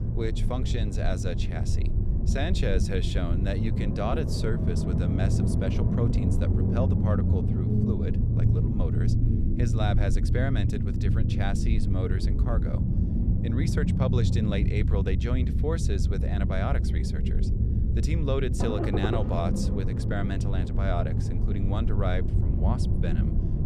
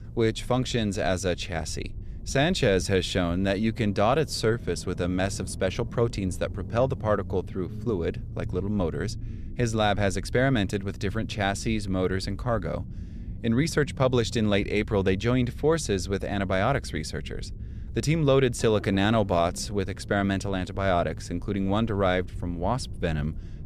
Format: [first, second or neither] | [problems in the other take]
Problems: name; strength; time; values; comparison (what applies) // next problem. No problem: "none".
second | low rumble; loud; throughout; 2 dB below the speech; faint in the second